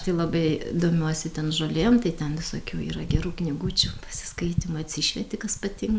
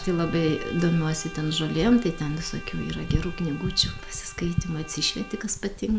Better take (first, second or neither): first